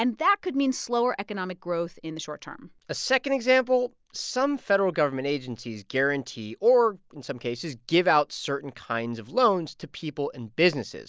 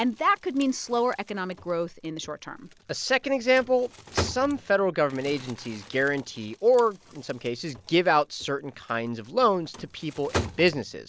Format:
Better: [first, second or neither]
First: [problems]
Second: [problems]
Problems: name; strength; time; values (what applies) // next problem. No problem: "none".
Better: first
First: none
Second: background sound (Crumpling, crinkling); 14 dB below the speech